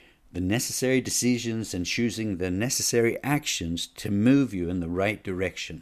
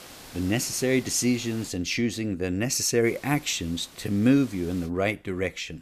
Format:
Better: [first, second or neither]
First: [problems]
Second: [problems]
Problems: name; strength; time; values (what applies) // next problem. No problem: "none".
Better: first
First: none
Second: hiss; faint; until 1.5 s and from 3 to 5 s; 20 dB below the speech